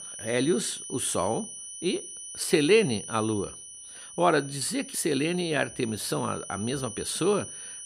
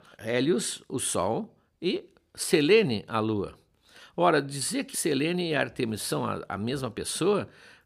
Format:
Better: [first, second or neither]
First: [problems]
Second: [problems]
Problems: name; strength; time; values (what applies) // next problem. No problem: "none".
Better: second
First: high-pitched whine; noticeable; throughout; 9.5 kHz, 10 dB below the speech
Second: none